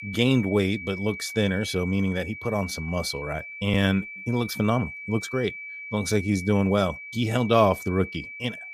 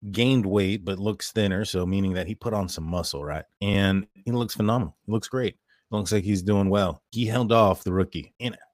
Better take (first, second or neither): second